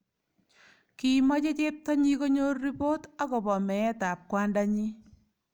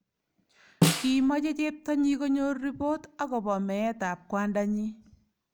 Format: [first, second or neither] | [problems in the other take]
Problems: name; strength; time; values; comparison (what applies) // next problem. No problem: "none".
first | background sound (Snare drum); 1 dB below the speech